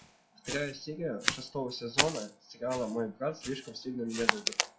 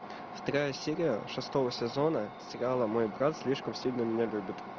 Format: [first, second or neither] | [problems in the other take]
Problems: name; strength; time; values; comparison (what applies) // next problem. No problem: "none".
second | noise reduction (classical method WPE with log-MMSE)